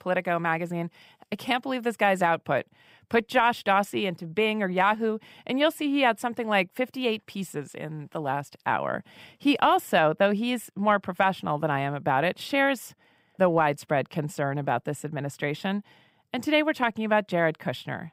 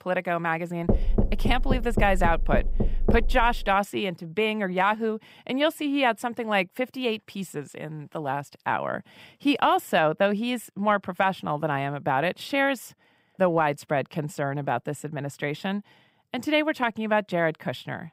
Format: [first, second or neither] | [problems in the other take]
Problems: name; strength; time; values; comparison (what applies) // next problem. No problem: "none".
first | door banging; loud; from 1 to 3.5 s; peak 1 dB above the speech